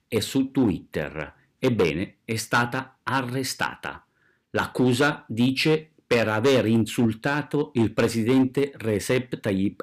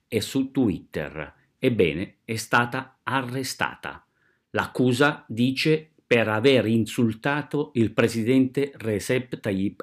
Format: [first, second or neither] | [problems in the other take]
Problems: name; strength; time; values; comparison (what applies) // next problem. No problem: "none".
second | distortion; slight; 4% of the sound clipped